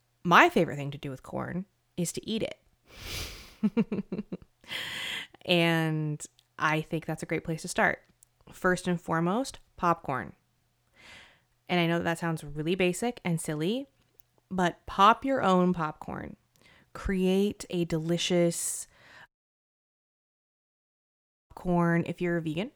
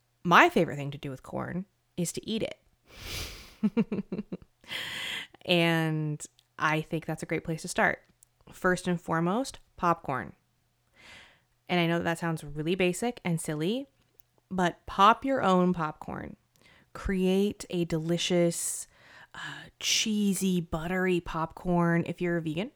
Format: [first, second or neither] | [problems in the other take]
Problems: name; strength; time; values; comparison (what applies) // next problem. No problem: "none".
second | audio cutting out; at 19 s for 2 s